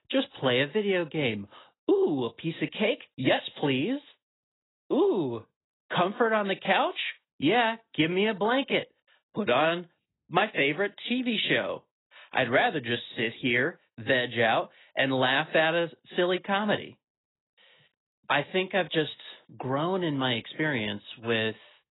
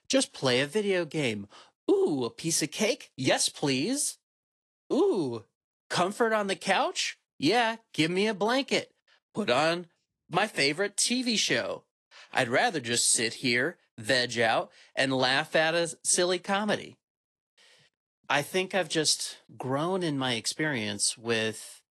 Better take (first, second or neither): second